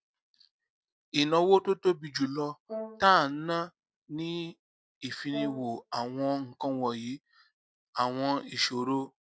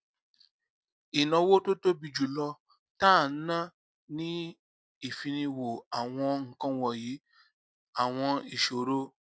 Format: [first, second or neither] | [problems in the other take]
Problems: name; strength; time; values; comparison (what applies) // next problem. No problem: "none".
second | background sound (Brass instrument); 13 dB below the speech